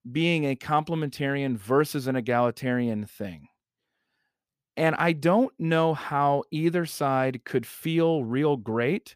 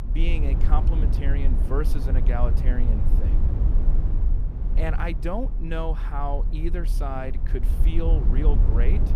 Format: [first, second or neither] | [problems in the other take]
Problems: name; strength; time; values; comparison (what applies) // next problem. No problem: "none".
first | low rumble; loud; throughout; 7 dB below the speech